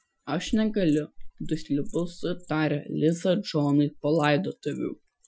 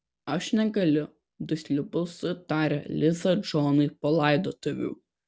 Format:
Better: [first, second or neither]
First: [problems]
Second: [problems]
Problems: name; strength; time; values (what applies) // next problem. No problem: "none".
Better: second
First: noise reduction (classical method Wiener filter)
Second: none